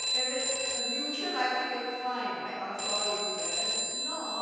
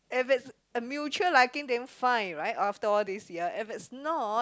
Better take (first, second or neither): second